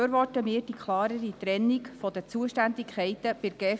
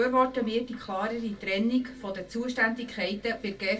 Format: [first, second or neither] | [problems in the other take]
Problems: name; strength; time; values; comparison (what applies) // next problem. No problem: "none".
first | room echo; dies away in 0.2 s